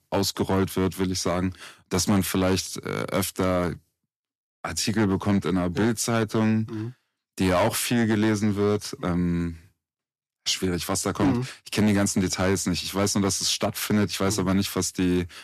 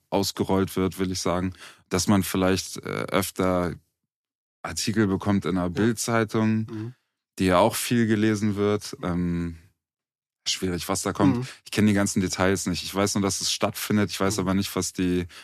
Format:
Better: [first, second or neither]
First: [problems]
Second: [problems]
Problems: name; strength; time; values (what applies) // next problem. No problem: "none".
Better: second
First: distortion; slight; 6% of the sound clipped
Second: none